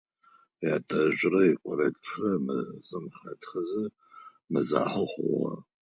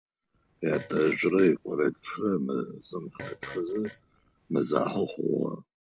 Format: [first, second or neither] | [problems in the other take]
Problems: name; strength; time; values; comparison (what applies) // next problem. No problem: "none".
first | noise reduction (neural separator model SepFormer DNS4)